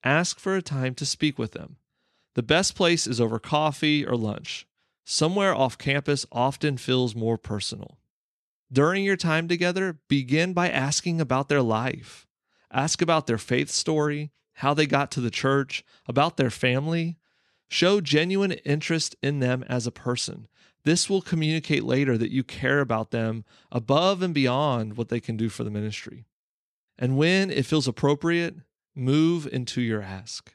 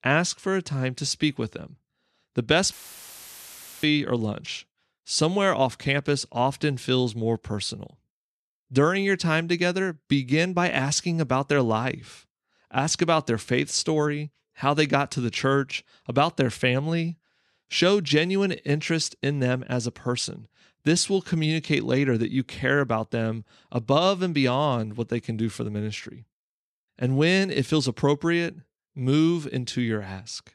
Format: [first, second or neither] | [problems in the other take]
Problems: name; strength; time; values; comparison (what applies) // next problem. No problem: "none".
first | audio cutting out; filled with static; at 2.5 s for 1 s